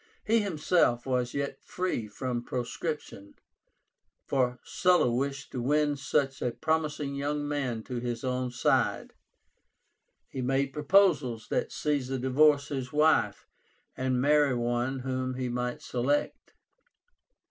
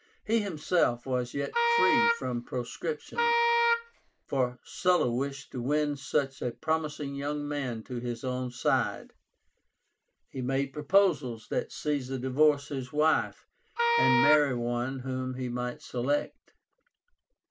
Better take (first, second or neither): first